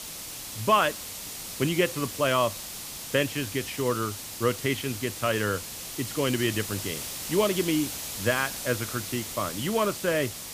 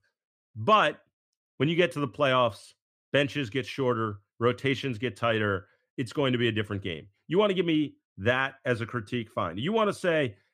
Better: second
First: hiss; loud; throughout; 7 dB below the speech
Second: none

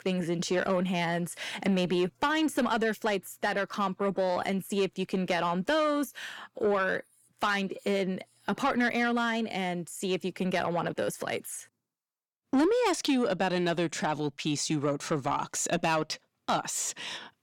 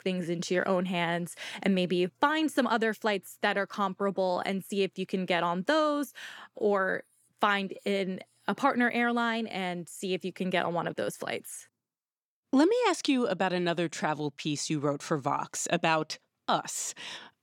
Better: second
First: distortion; slight; 10 dB below the speech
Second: none

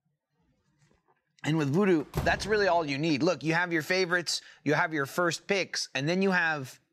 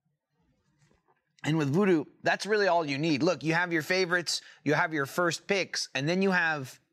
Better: second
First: door banging; noticeable; at 2 s; peak 8 dB below the speech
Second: none

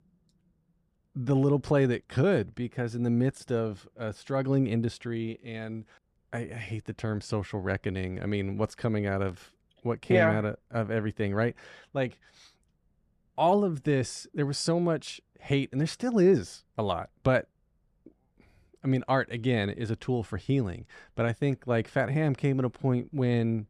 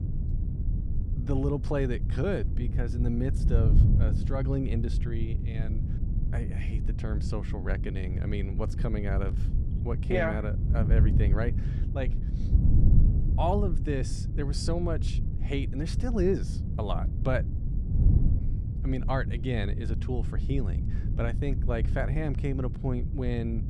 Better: first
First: none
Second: wind noise on the microphone; heavy; 8 dB below the speech

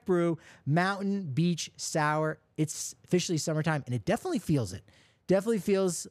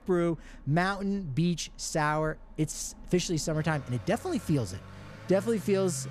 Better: first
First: none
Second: traffic noise; noticeable; throughout; 20 dB below the speech

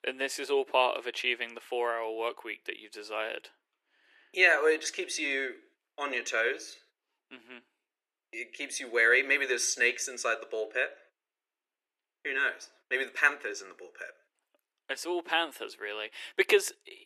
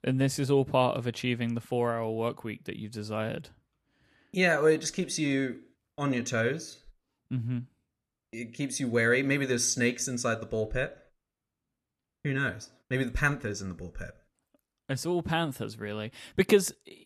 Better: second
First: thin; very; fading below 350 Hz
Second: none

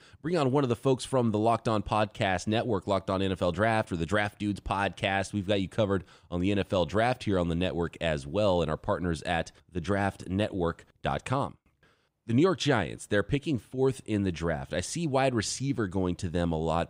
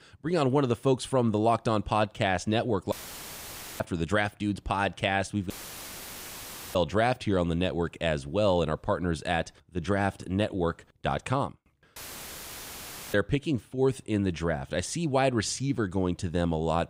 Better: first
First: none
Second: audio cutting out; filled with static; at 3 s for 1 s, at 5.5 s for 1.5 s and at 12 s for 1 s

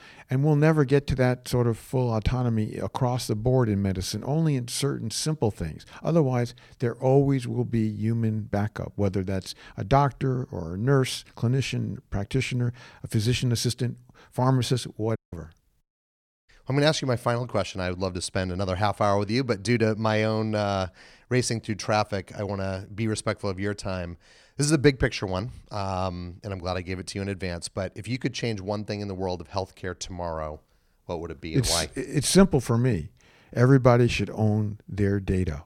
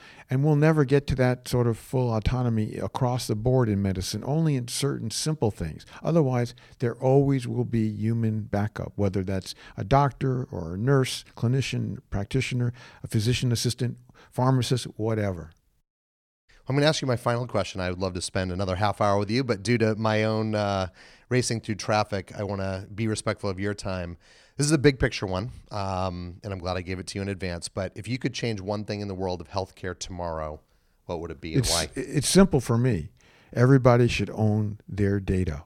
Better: second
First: audio cutting out; at 15 s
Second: none

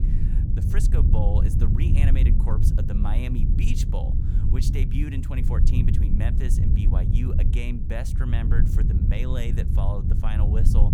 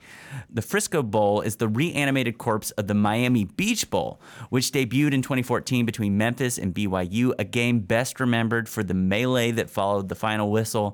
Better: second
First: low rumble; loud; throughout; 1 dB below the speech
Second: none

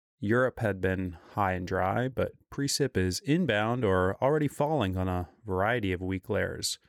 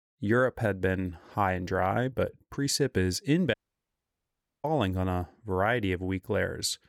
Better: first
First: none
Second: audio cutting out; at 3.5 s for 1 s

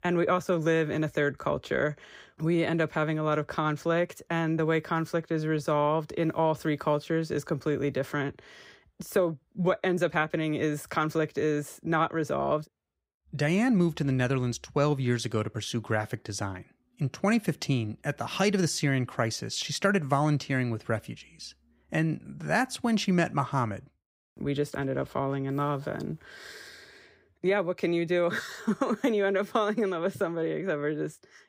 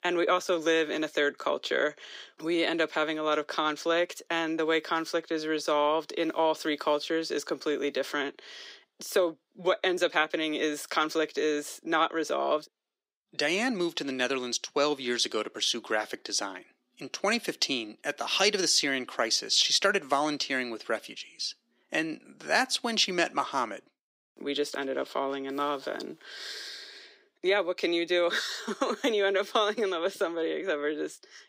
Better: first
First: none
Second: thin; somewhat; fading below 300 Hz

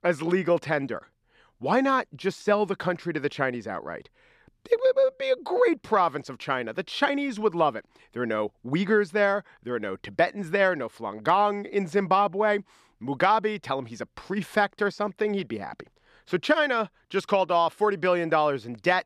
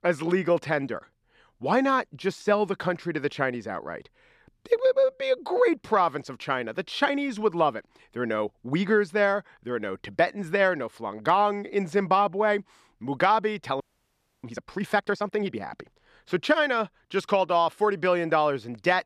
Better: first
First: none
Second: audio freezing; at 14 s for 0.5 s

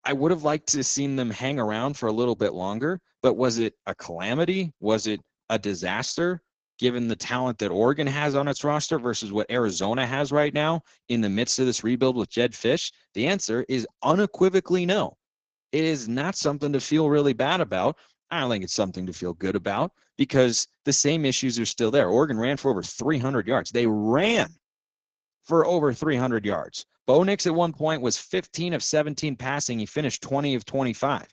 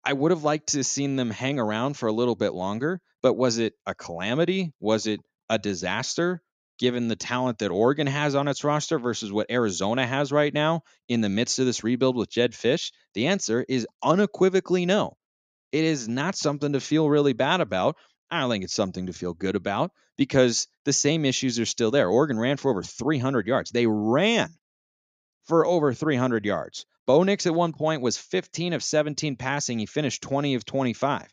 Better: second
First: garbled, watery; badly; nothing above 7 kHz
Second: none

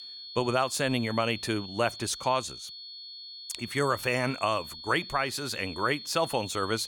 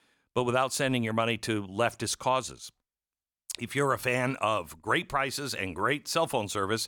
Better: second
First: high-pitched whine; noticeable; throughout; 4.5 kHz, 10 dB below the speech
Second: none

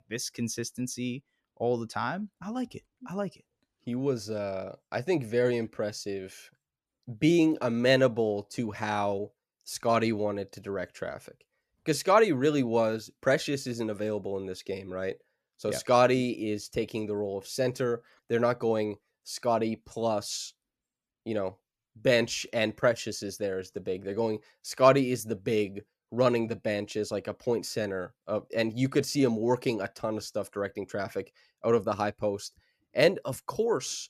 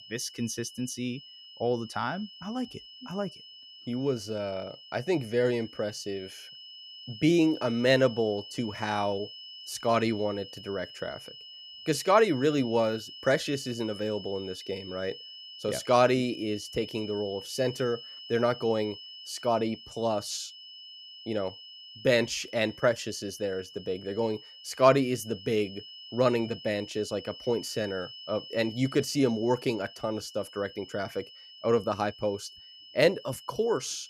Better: first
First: none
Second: high-pitched whine; noticeable; throughout; 3 kHz, 15 dB below the speech

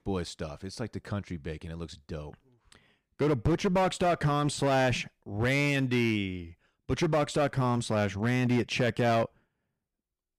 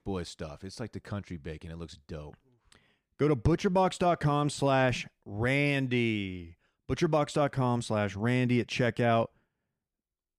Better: second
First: distortion; slight; 7% of the sound clipped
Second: none

